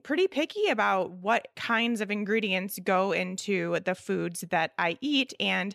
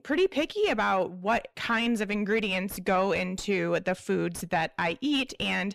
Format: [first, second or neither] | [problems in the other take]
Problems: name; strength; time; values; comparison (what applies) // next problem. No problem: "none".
first | distortion; slight; 9 dB below the speech